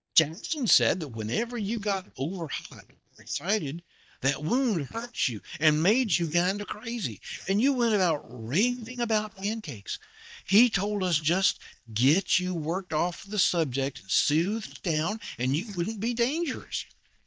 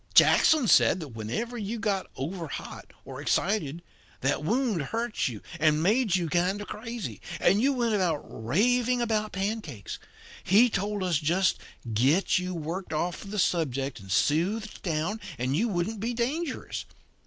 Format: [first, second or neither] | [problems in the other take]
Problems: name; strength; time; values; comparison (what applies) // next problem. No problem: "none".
second | noise reduction (neural mask model DeepFilterNet 3)